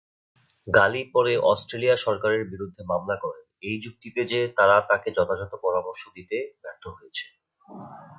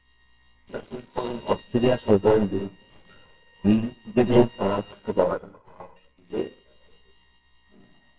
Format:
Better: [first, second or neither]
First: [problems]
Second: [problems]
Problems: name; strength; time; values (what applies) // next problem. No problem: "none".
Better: first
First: none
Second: noise reduction (neural separator model SepFormer WHAMR!)